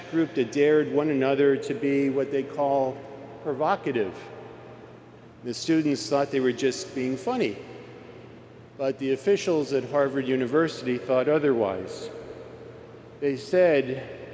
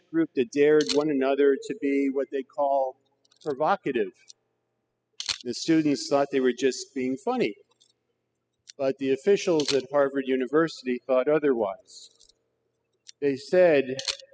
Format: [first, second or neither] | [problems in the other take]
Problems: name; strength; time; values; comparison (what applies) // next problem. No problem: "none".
first | noise reduction (classical method spectral subtraction)